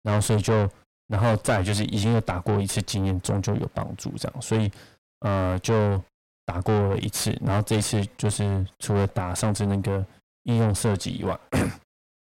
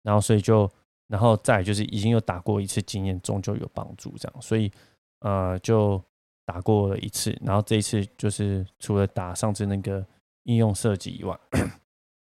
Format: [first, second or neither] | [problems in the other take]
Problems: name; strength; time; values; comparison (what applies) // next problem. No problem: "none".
second | distortion; heavy; 4 dB below the speech